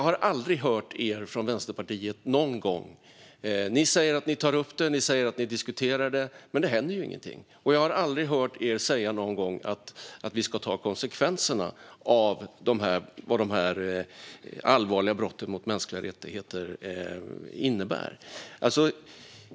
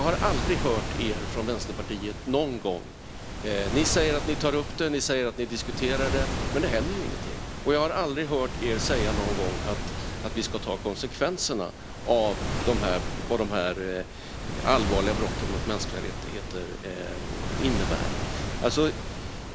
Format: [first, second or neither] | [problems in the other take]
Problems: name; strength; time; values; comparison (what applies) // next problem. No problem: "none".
first | background sound (Waves, surf); 2 dB below the speech